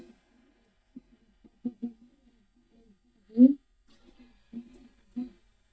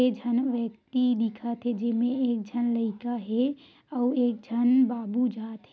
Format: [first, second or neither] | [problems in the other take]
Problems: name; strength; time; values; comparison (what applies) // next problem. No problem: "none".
second | noise reduction (neural mask model DeepFilterNet 3)